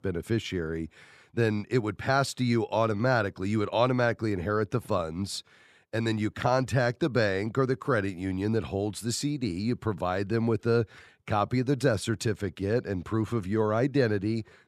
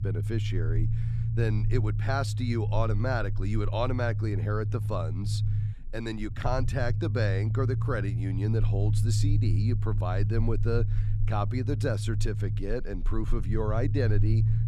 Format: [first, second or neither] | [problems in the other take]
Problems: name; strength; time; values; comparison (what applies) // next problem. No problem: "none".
first | low rumble; loud; throughout; 8 dB below the speech